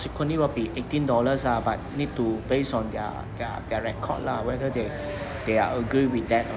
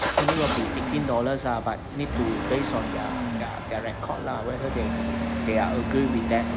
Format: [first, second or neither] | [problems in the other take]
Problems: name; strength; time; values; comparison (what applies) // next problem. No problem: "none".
first | background sound (Engine starting / Accelerating, revving, vroom / Motor vehicle (road)); 1 dB below the speech